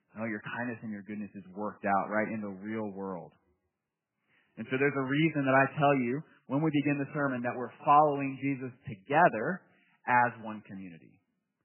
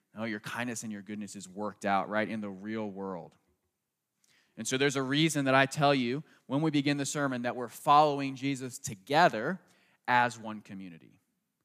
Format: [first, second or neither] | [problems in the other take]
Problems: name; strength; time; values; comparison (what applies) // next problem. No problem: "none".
second | garbled, watery; badly; nothing above 3 kHz